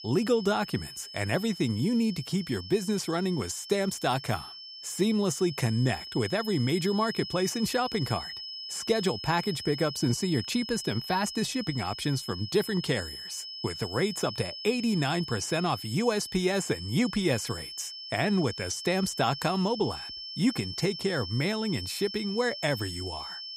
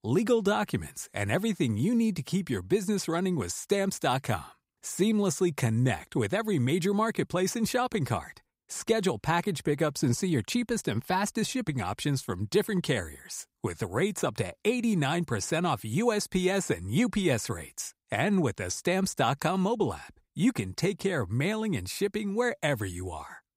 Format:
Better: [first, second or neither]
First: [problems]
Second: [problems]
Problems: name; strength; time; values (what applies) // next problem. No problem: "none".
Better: second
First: high-pitched whine; loud; throughout; 5 kHz, 9 dB below the speech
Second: none